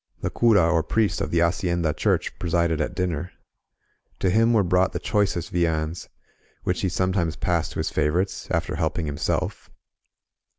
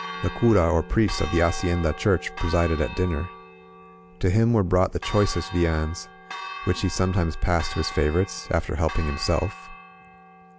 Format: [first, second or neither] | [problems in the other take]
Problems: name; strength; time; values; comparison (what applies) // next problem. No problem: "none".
first | background sound (Church bell); 14 dB below the speech